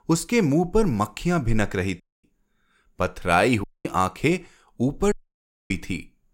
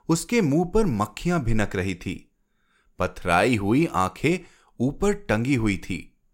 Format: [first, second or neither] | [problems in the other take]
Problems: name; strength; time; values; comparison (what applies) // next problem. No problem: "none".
second | audio cutting out; at 2 s, at 3.5 s and at 5 s for 0.5 s